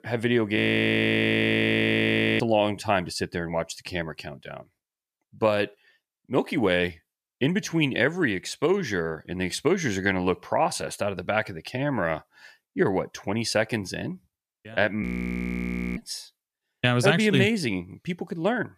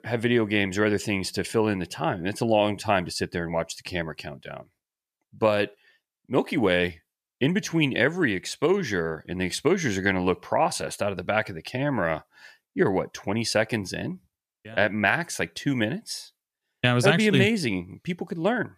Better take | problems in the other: second | audio freezing; at 0.5 s for 2 s and at 15 s for 1 s

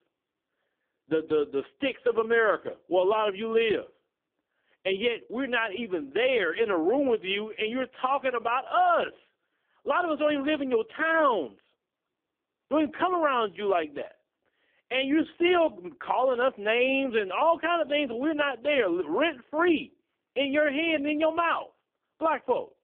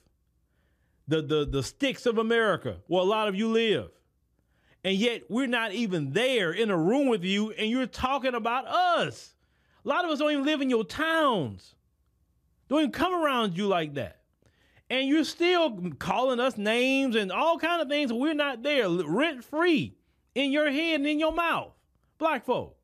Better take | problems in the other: second | phone-call audio; poor line; nothing above 3.5 kHz

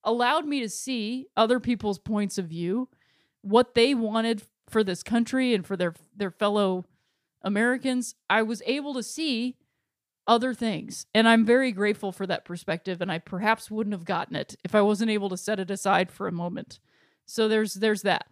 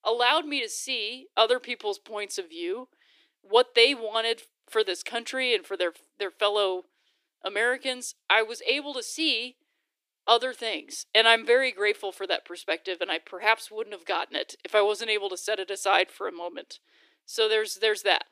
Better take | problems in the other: first | thin; very; fading below 300 Hz

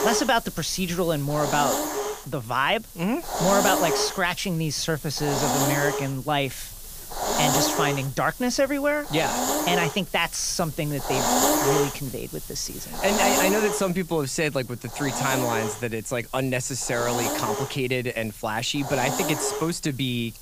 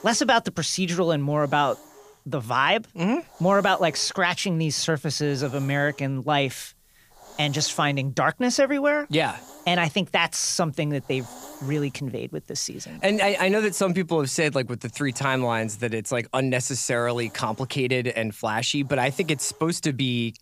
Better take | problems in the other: second | hiss; loud; throughout; 1 dB below the speech; faint in the second

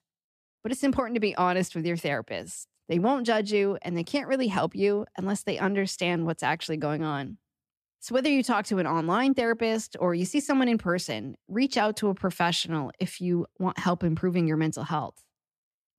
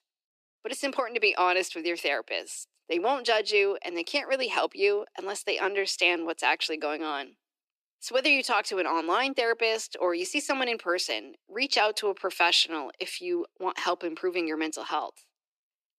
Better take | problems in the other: first | thin; very; fading below 350 Hz

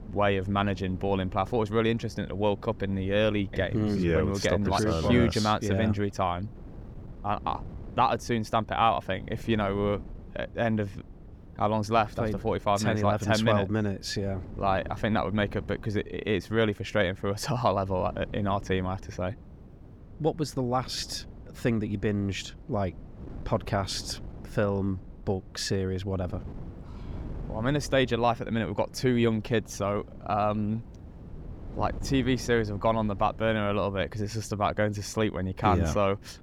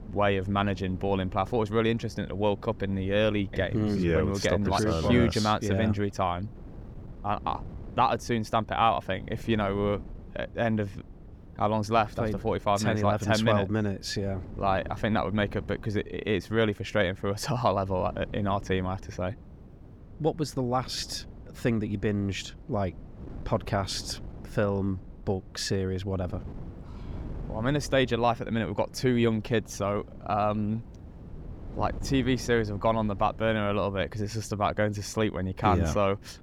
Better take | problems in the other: neither | wind noise on the microphone; occasional gusts; 25 dB below the speech; the same in both

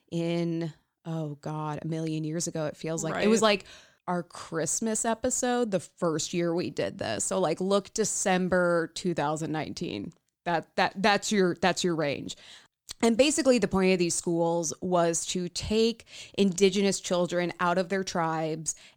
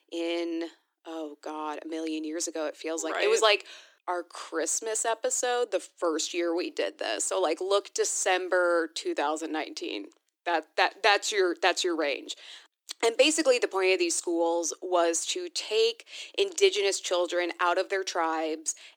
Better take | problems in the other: first | thin; very; fading below 300 Hz

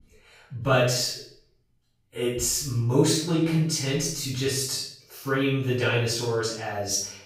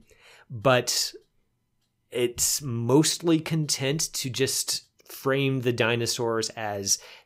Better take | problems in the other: second | off-mic speech; far // room echo; noticeable; dies away in 0.5 s

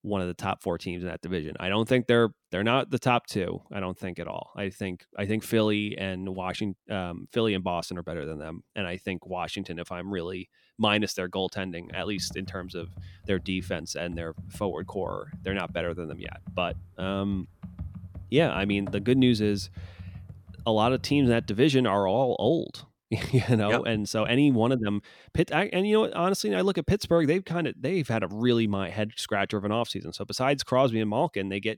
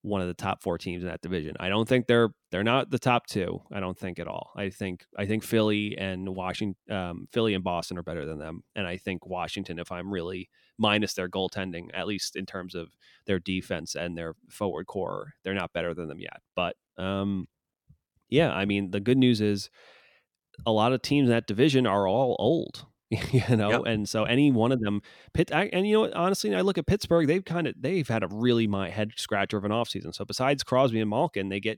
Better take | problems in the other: second | keyboard typing; faint; from 12 to 22 s; peak 10 dB below the speech

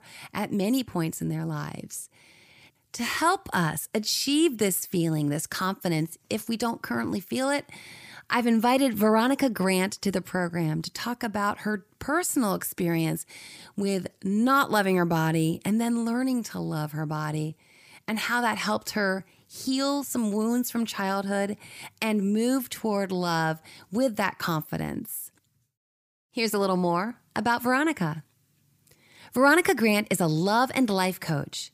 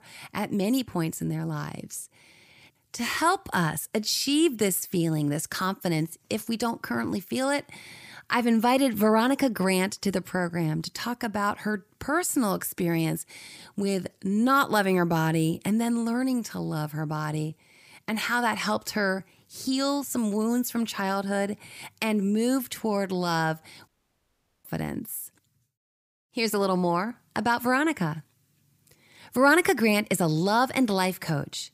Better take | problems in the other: first | audio cutting out; at 24 s for 1 s

